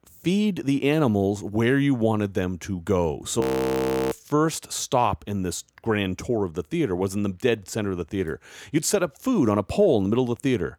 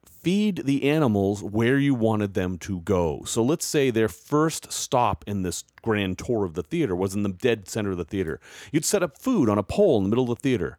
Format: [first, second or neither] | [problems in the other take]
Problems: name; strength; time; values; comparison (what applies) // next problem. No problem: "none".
second | audio freezing; at 3.5 s for 0.5 s